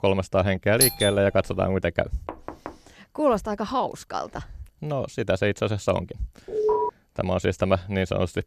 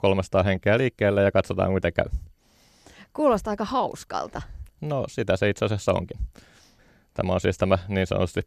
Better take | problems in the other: second | doorbell; loud; at 1 s; peak 5 dB above the speech // door banging; faint; at 2.5 s; peak 15 dB below the speech // alarm; loud; at 6.5 s; peak 2 dB above the speech

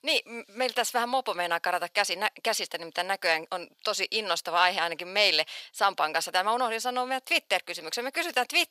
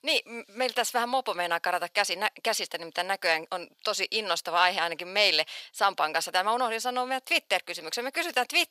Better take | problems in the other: neither | thin; very; fading below 700 Hz; the same in both

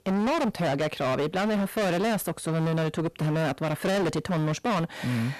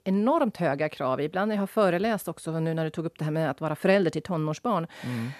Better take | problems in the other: second | distortion; heavy; 36% of the sound clipped

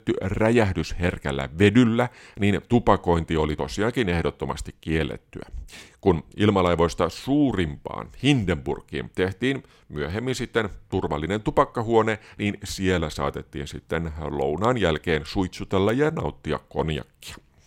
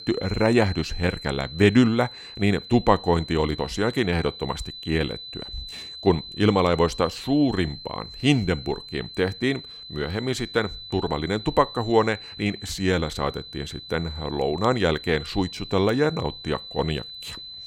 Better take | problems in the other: first | high-pitched whine; noticeable; throughout; 4 kHz, 15 dB below the speech

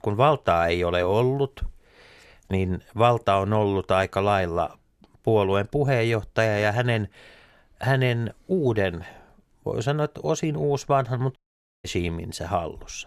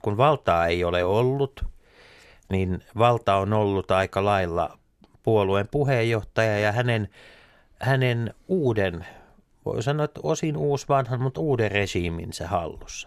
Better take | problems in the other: second | audio cutting out; at 11 s

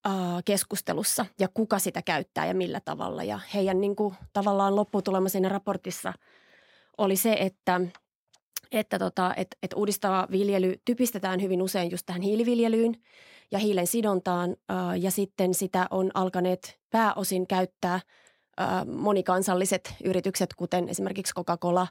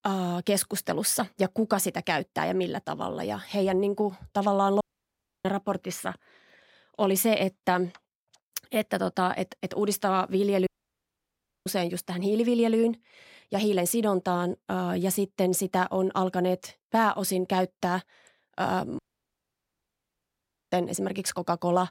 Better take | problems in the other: first | audio cutting out; at 5 s for 0.5 s, at 11 s for 1 s and at 19 s for 1.5 s

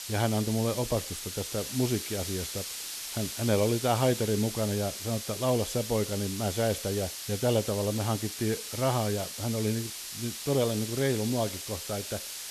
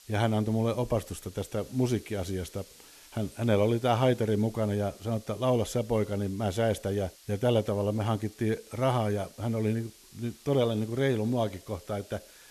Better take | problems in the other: second | hiss; loud; throughout; 6 dB below the speech; faint in the second

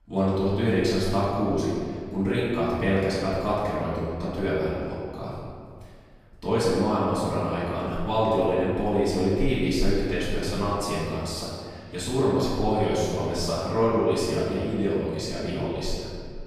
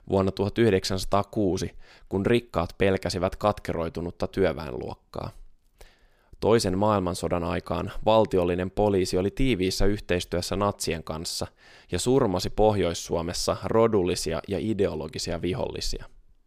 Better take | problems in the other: second | room echo; strong; dies away in 1.8 s // off-mic speech; far

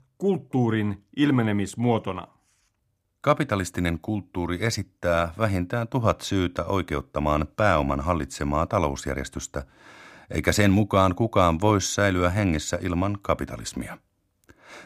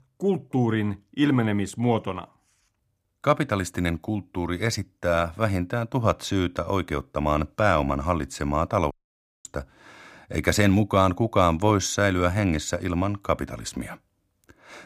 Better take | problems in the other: first | audio cutting out; at 9 s for 0.5 s

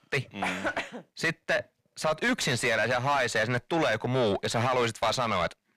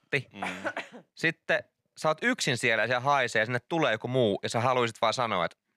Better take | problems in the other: second | distortion; heavy; 7 dB below the speech

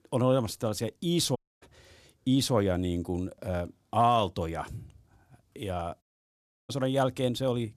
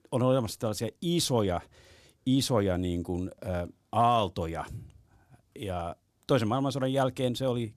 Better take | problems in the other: second | audio cutting out; at 1.5 s and at 6 s for 0.5 s

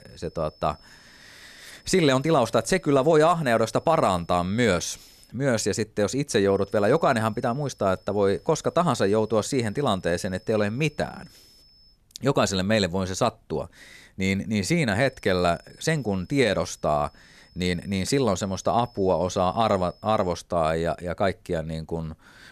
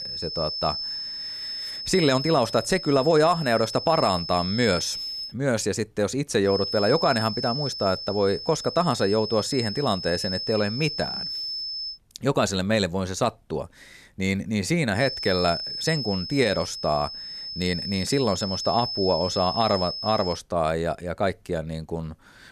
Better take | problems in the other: first | high-pitched whine; loud; until 5.5 s, from 6.5 to 12 s and from 15 to 20 s; 5.5 kHz, 5 dB below the speech; faint in the first

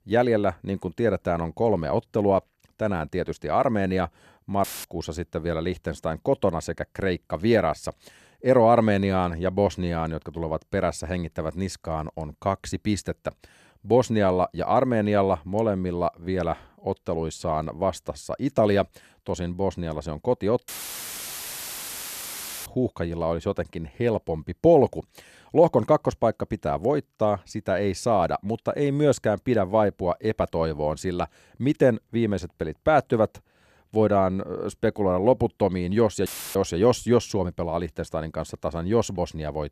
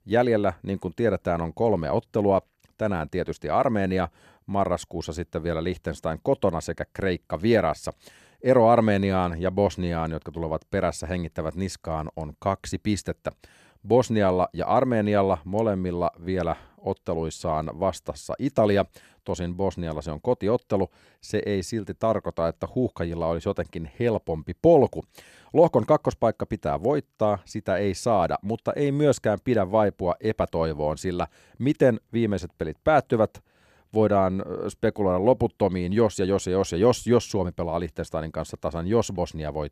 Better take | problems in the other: second | audio cutting out; filled with static; at 4.5 s, at 21 s for 2 s and at 36 s

